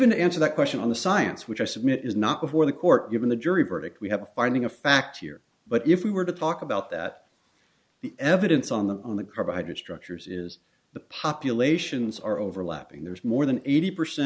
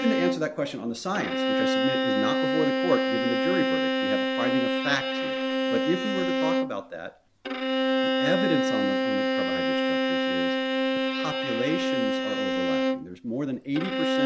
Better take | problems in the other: first | background sound (Bowed string instrument); 5 dB above the speech

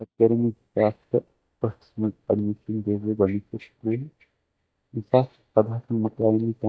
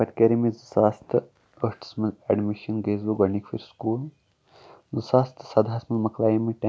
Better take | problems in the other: second | noise reduction (neural mask model DeepFilterNet 3)

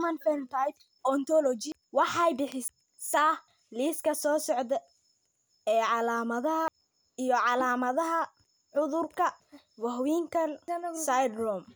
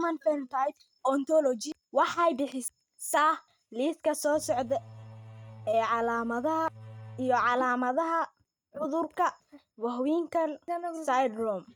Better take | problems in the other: first | noise reduction (neural mask model RNNoise)

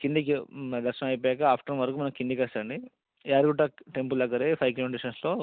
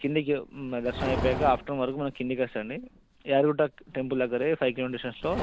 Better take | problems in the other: first | background sound (Livestock, farm animals, working animals); 10 dB below the speech

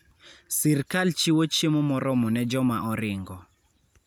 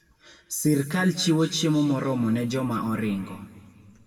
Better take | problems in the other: first | room echo; dies away in 2 s

